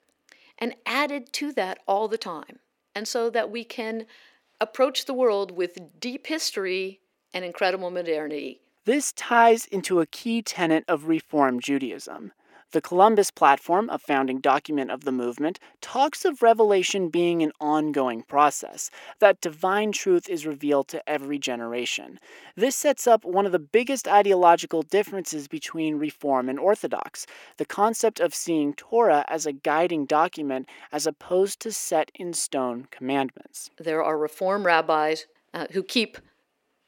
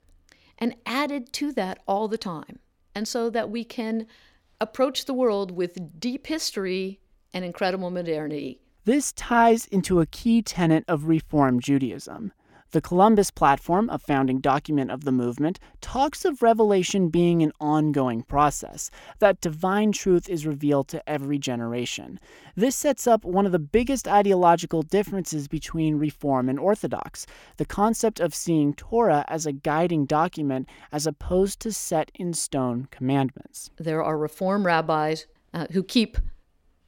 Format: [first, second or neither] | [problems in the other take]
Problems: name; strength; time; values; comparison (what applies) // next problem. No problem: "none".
second | thin; very slightly; fading below 400 Hz